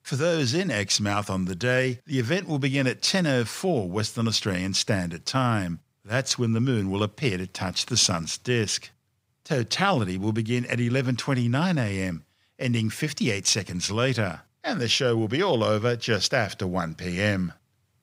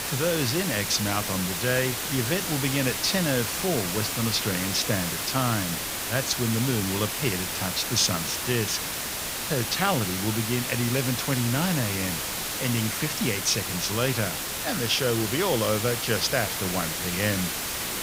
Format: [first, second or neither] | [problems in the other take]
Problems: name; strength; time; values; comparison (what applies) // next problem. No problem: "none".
first | hiss; loud; throughout; 1 dB below the speech